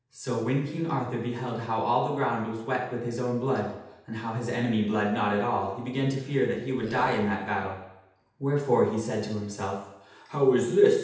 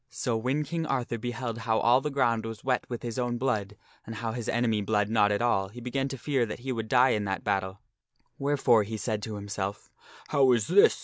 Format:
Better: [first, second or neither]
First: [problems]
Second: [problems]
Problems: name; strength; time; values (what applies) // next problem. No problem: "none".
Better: second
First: background sound (Burping, eructation); 12 dB below the speech // room echo; dies away in 0.8 s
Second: none